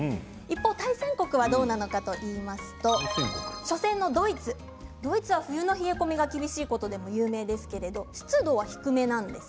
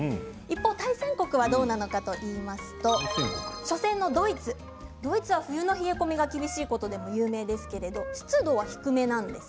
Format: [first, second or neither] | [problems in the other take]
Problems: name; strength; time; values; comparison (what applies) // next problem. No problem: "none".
first | background sound (Wind instrument, woodwind instrument); 17 dB below the speech